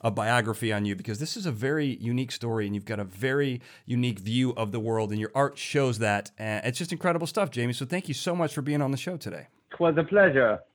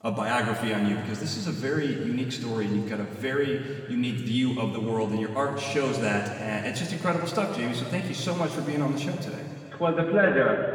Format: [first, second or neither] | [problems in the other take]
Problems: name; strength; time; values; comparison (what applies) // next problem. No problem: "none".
first | room echo; noticeable; dies away in 2.5 s // off-mic speech; far